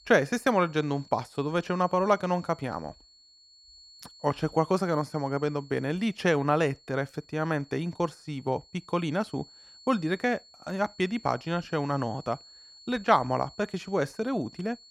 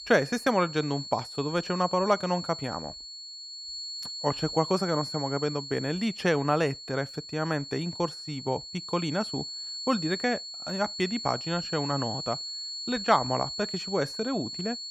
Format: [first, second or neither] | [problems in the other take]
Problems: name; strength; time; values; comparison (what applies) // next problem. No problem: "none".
first | high-pitched whine; loud; throughout; 4.5 kHz, 6 dB below the speech; faint in the first